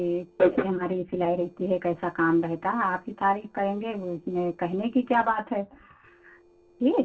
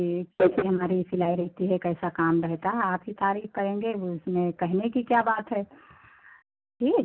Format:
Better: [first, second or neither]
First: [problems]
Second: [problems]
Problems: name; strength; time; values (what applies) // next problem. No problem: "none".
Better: second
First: noise reduction (neural separator model SepFormer DNS4)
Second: none